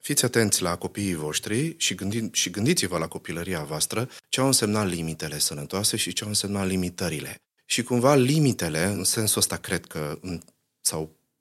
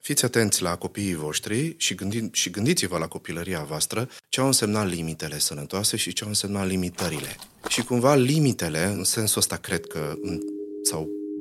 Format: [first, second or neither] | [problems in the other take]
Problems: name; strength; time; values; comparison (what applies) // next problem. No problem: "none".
first | footsteps; faint; at 7 s; peak 10 dB below the speech // siren; noticeable; from 9.5 s on; peak 8 dB below the speech